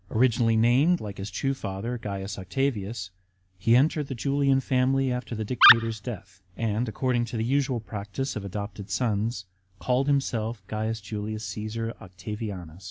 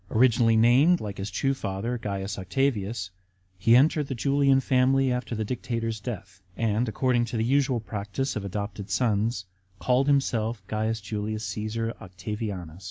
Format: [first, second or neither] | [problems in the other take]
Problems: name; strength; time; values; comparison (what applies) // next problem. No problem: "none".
second | background sound (Animal); 4 dB above the speech